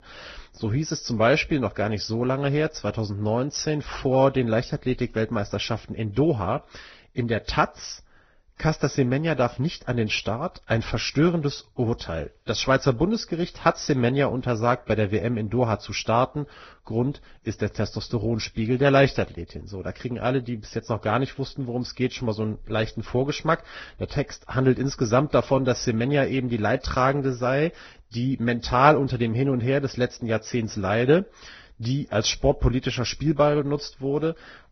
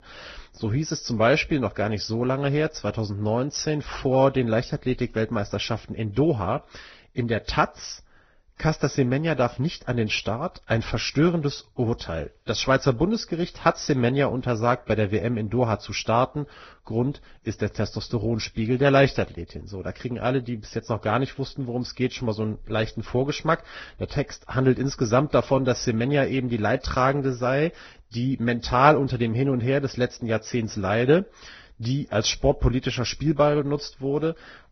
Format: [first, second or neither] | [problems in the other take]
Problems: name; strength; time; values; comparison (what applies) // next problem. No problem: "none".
neither | garbled, watery; badly; nothing above 6 kHz; the same in both